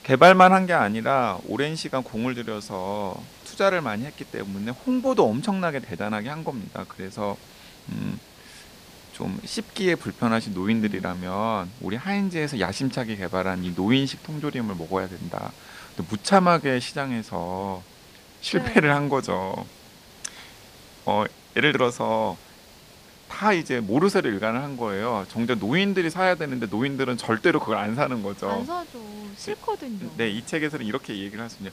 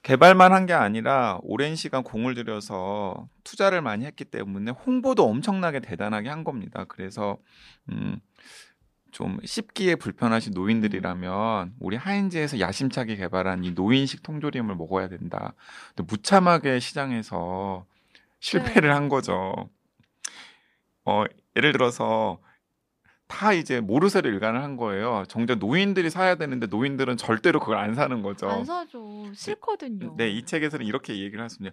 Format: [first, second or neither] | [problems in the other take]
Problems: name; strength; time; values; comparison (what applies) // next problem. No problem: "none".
second | hiss; faint; throughout; 25 dB below the speech